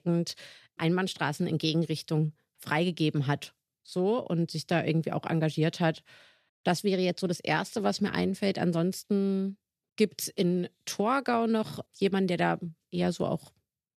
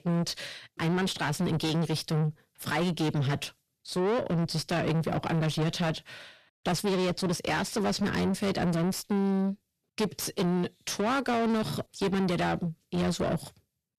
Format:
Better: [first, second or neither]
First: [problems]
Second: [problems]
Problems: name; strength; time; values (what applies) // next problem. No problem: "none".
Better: first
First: none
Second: distortion; heavy; 7 dB below the speech